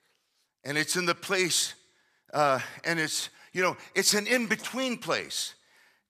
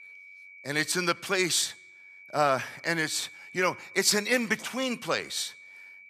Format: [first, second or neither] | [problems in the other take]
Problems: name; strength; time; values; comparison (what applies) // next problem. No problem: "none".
first | high-pitched whine; noticeable; throughout; 2.5 kHz, 20 dB below the speech